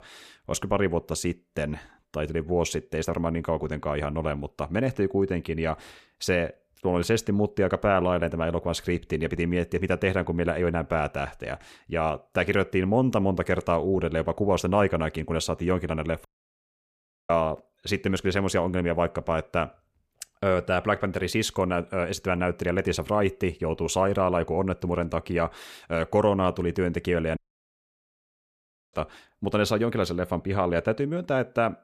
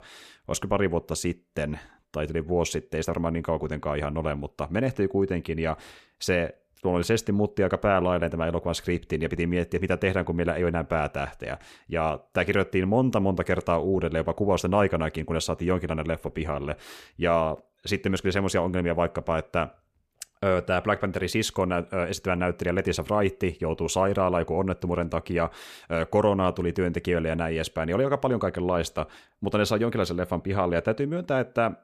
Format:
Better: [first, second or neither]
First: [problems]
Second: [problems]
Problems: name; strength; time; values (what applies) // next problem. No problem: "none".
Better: second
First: audio cutting out; at 16 s for 1 s and at 27 s for 1.5 s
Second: none